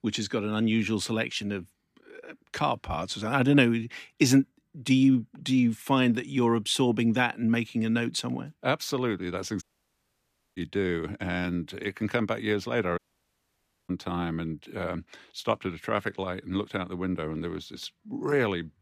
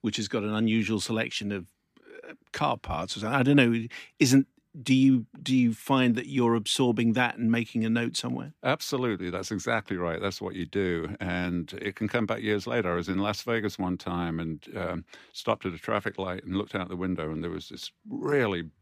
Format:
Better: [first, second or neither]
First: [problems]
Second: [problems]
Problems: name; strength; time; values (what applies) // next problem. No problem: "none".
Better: second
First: audio cutting out; at 9.5 s for 1 s and at 13 s for 1 s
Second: none